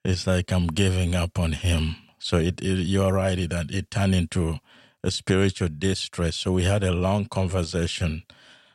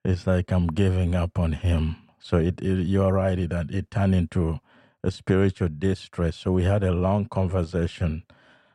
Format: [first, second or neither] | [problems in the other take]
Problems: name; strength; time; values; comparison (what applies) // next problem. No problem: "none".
first | muffled; slightly; fading above 2.5 kHz